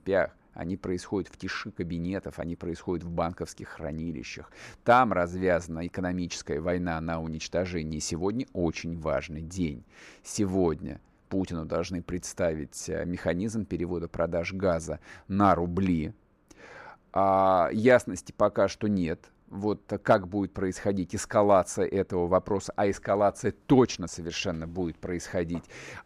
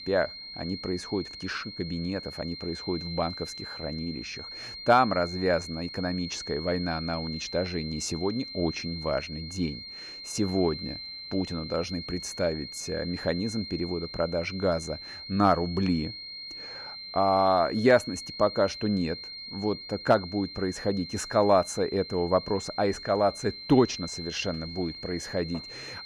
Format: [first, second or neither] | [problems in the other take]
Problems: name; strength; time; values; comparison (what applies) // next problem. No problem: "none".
first | high-pitched whine; loud; throughout; 4 kHz, 10 dB below the speech